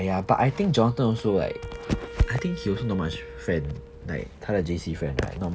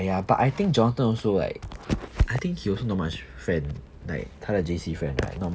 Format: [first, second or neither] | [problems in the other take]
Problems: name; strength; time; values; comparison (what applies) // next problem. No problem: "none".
second | background sound (Wind instrument, woodwind instrument); 17 dB below the speech